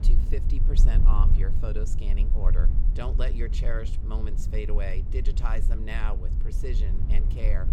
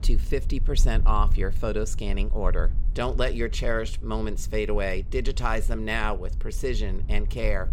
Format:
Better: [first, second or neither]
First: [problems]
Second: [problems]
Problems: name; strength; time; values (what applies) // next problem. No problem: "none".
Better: second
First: low rumble; loud; throughout; 7 dB below the speech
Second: low rumble; faint; throughout; 20 dB below the speech